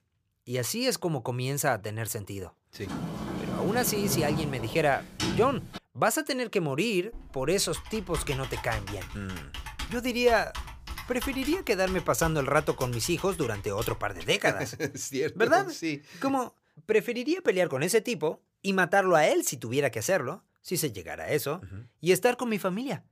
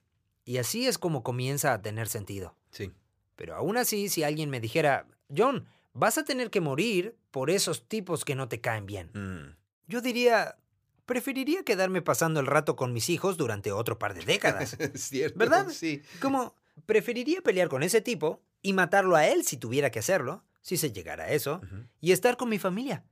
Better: second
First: door banging; noticeable; from 3 to 6 s; peak 3 dB below the speech // keyboard typing; noticeable; from 7 to 14 s; peak 9 dB below the speech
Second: none

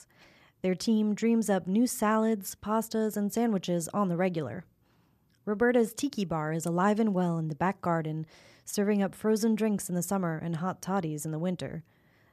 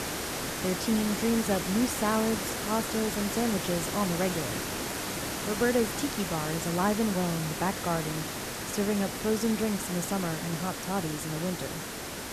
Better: first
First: none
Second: hiss; loud; throughout; 3 dB below the speech

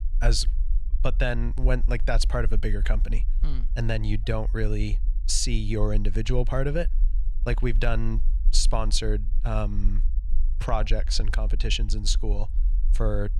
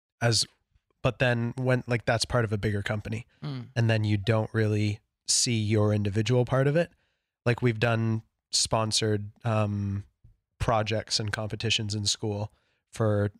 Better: second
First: low rumble; faint; throughout; 25 dB below the speech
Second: none

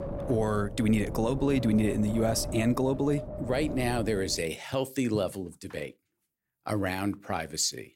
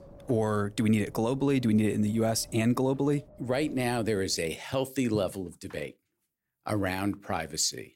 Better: second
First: wind noise on the microphone; heavy; until 4.5 s; 9 dB below the speech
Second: wind noise on the microphone; occasional gusts; until 4.5 s; 25 dB below the speech

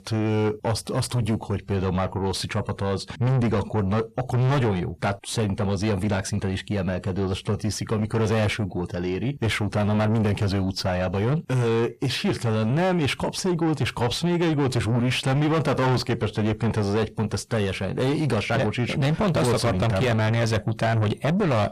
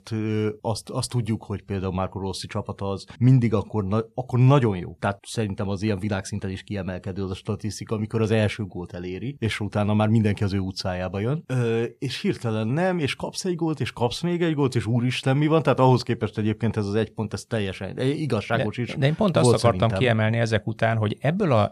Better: second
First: distortion; heavy; 6 dB below the speech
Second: none

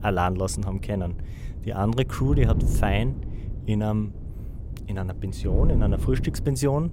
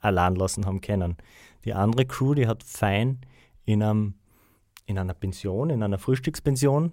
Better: second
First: wind noise on the microphone; occasional gusts; 10 dB below the speech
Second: none

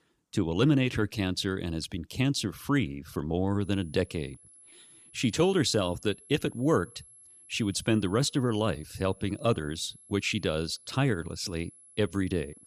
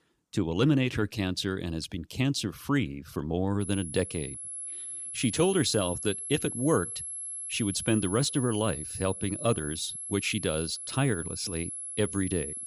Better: first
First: high-pitched whine; faint; from 3.5 s on; 11 kHz, 25 dB below the speech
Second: high-pitched whine; loud; from 3.5 s on; 11 kHz, 6 dB below the speech

